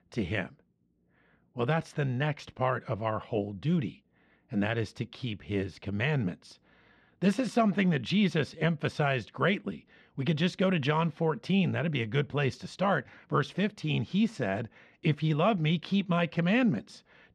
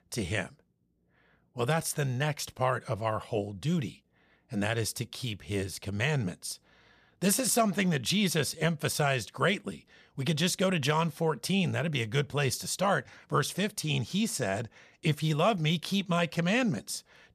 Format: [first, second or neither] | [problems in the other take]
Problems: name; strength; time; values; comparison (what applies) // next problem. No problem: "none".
second | muffled; slightly; fading above 2.5 kHz